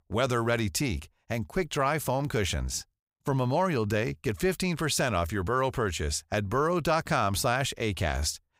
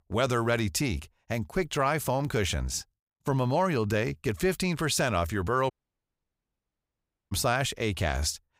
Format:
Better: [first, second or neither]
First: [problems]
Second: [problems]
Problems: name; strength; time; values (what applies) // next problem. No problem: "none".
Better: first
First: none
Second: audio cutting out; at 5.5 s for 1.5 s